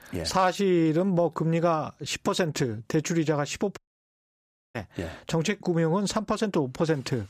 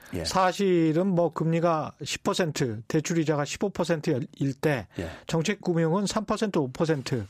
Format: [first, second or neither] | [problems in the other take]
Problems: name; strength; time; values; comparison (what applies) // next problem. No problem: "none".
second | audio cutting out; at 4 s for 1 s